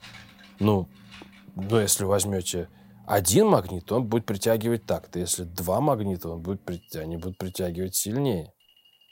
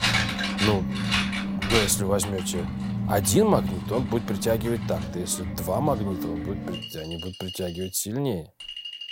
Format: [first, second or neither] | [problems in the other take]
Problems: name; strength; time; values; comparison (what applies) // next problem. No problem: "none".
first | household noises; loud; throughout; 2 dB below the speech; faint in the first